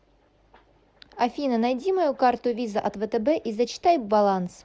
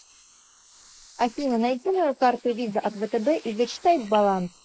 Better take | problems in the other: first | noise reduction (neural mask model Resemble Enhance denoiser)

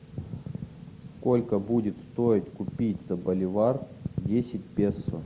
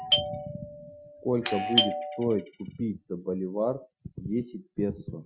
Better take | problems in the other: first | noise reduction (classical method Wiener filter)

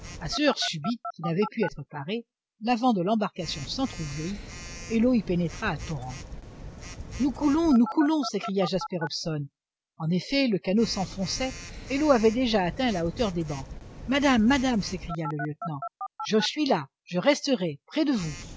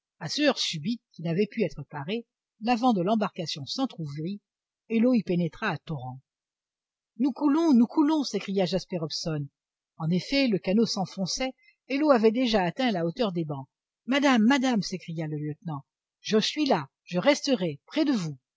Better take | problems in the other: second | background sound (Telephone); 13 dB below the speech

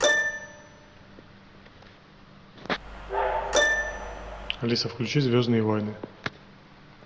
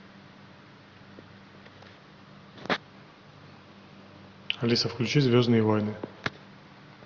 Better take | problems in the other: second | background sound (Keyboard (musical) + Train); as loud as the speech

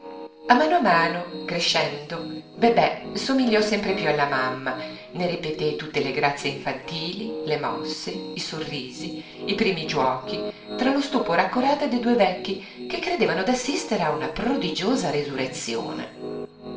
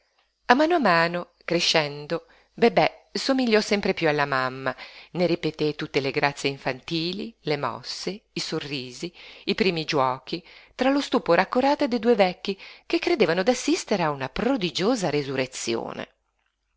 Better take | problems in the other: second | background sound (Piano); 10 dB below the speech // room echo; dies away in 0.8 s

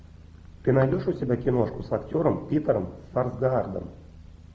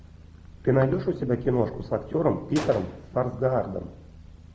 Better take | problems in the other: first | background sound (Gunshot, gunfire); 19 dB below the speech

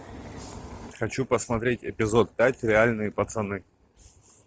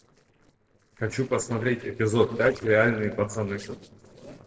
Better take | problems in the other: first | noise reduction (neural separator model SepFormer DNS4)

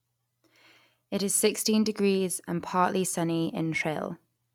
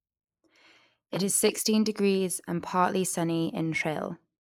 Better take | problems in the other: first | noise reduction (neural mask model Resemble Enhance denoiser)

